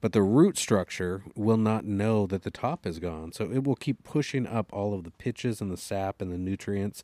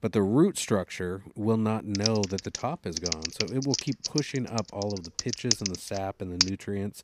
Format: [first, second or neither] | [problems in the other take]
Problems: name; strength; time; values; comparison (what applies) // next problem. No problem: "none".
first | keyboard typing; loud; from 2 to 6.5 s; peak 4 dB above the speech